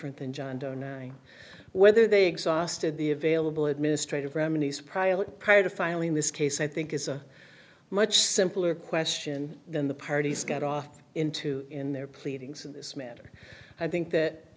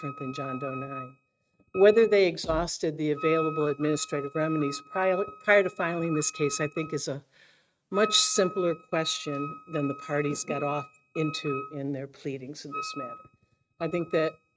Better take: first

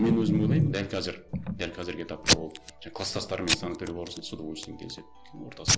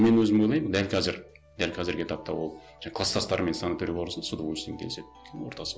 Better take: second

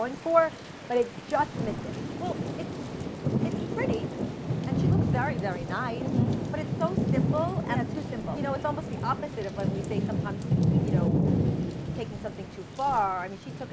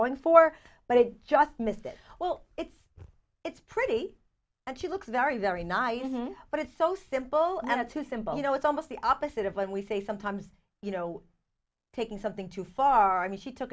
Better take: second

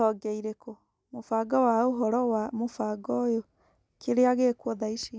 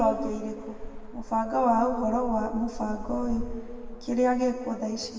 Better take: first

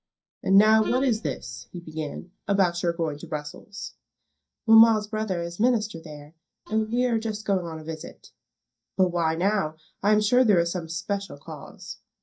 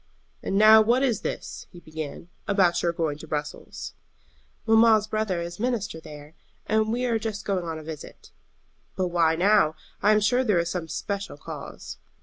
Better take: second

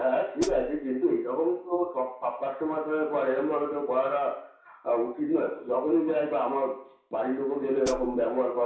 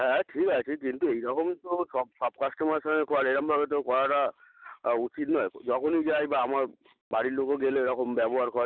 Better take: second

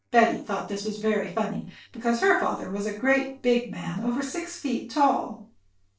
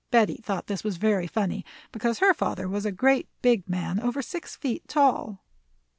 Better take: second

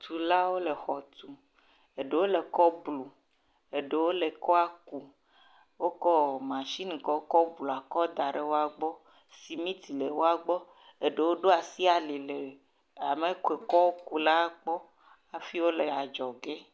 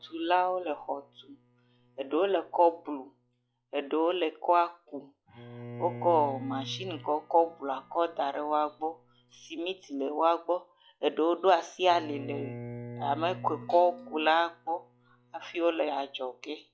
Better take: first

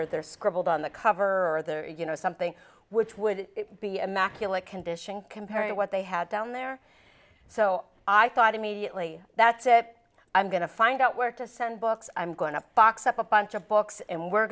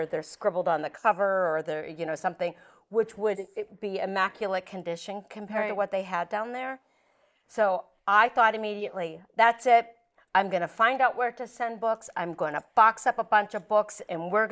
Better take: first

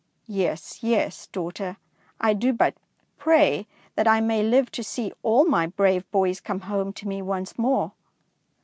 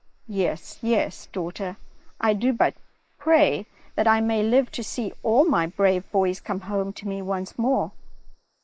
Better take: first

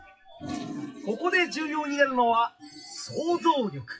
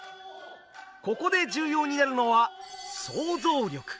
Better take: second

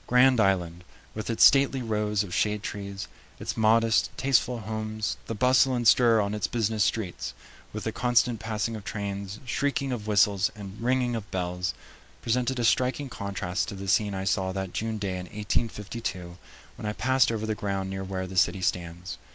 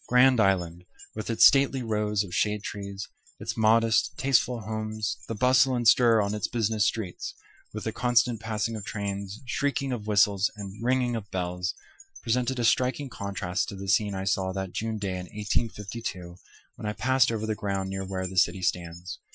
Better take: first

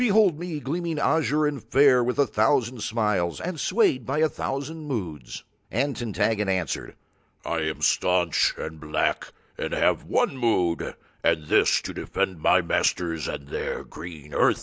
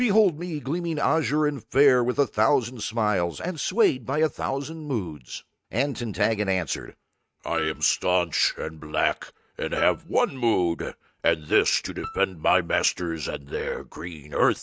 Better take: first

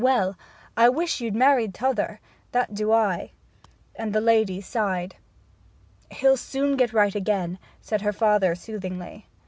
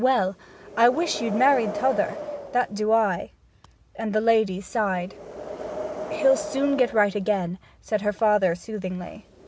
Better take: first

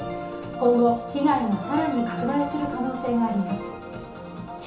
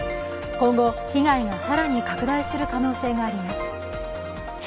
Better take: second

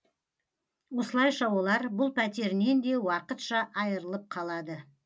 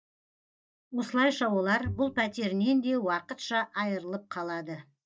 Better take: first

